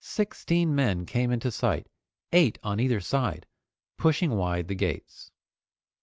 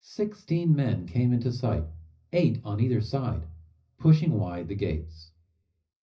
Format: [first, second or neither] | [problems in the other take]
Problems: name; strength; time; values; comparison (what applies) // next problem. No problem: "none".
first | room echo; dies away in 0.4 s